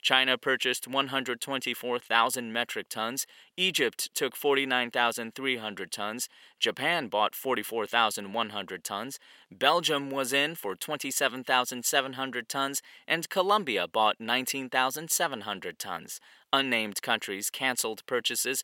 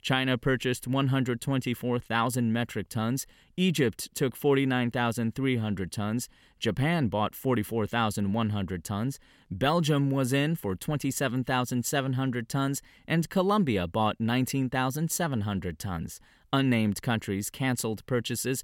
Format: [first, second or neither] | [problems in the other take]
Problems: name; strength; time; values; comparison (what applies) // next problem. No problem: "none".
second | thin; somewhat; fading below 500 Hz